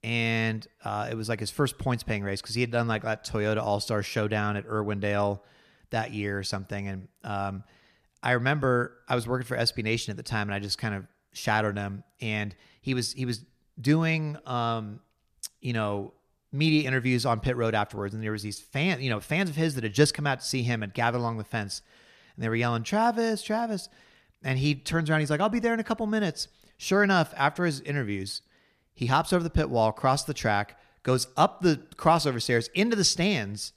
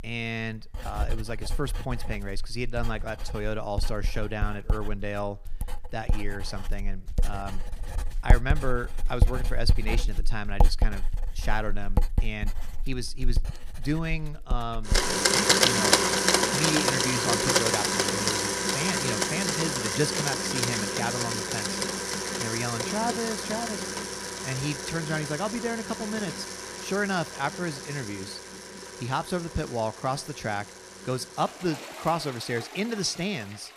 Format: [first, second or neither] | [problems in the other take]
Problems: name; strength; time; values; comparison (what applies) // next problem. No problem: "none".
first | household noises; very loud; throughout; 5 dB above the speech